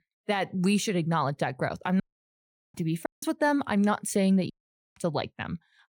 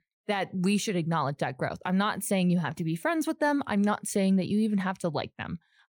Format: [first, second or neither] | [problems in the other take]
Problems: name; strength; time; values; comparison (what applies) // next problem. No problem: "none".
second | audio cutting out; at 2 s for 0.5 s, at 3 s and at 4.5 s